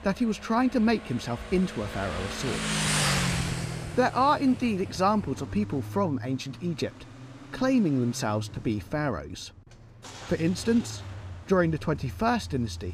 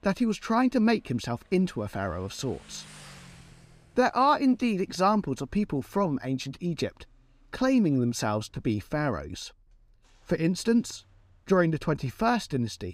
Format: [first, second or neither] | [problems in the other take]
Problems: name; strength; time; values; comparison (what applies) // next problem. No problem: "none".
second | traffic noise; loud; throughout; 7 dB below the speech; faint in the second